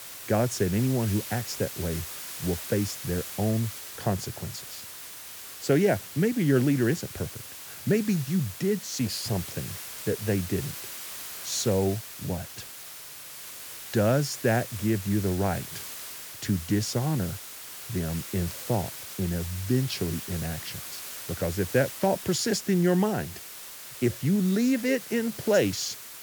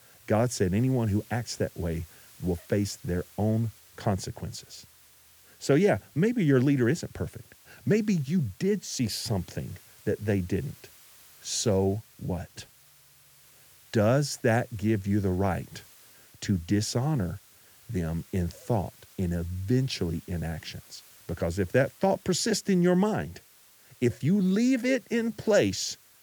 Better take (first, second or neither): second